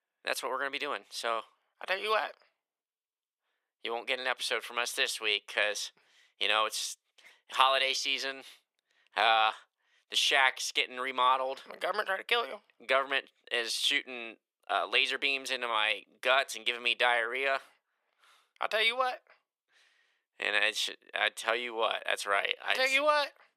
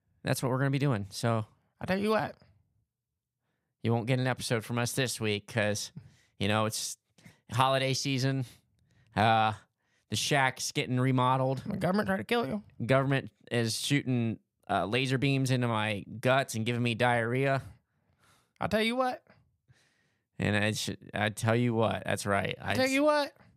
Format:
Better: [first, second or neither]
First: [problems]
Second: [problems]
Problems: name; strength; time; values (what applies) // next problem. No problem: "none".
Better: second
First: thin; very; fading below 400 Hz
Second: none